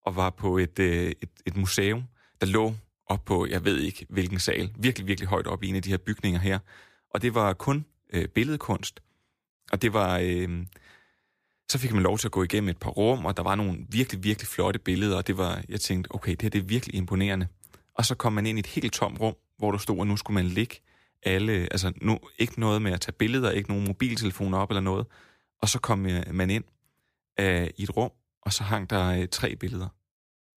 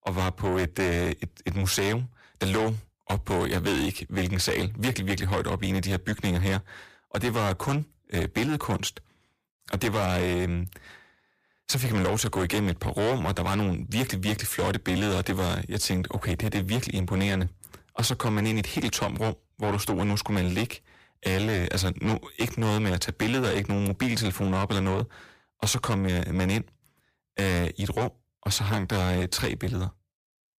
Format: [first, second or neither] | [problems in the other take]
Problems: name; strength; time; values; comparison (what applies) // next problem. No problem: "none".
first | distortion; heavy; 7 dB below the speech